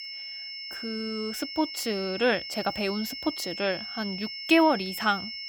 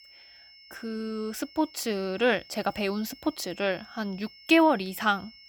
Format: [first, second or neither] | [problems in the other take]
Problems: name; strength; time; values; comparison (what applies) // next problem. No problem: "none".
second | high-pitched whine; loud; throughout; 5.5 kHz, 7 dB below the speech; faint in the second